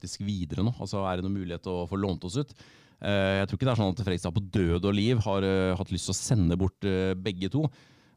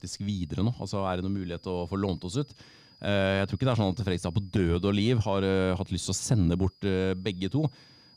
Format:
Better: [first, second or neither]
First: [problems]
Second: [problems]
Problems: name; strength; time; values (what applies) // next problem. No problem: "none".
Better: first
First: none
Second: high-pitched whine; faint; throughout; 5 kHz, 30 dB below the speech